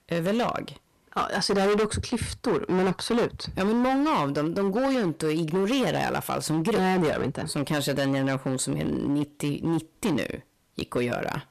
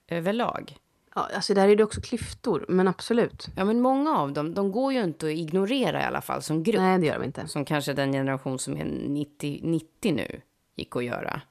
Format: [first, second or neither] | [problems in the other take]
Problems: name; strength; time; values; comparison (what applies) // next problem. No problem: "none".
second | distortion; heavy; 16% of the sound clipped